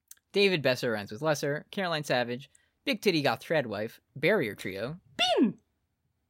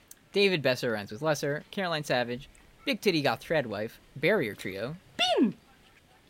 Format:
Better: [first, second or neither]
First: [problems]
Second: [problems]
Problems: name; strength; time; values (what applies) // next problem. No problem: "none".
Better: first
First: none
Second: hiss; faint; throughout; 30 dB below the speech